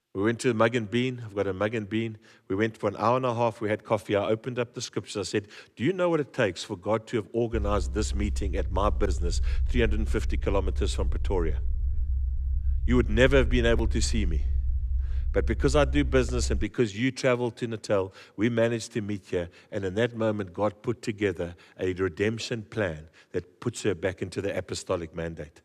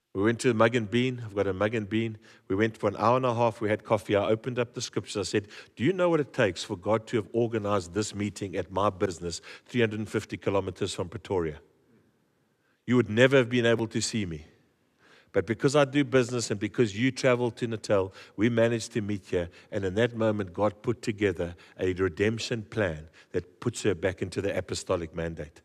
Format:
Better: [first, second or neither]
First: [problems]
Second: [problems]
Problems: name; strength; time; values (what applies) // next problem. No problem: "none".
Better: second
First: low rumble; faint; from 7.5 to 17 s; 20 dB below the speech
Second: none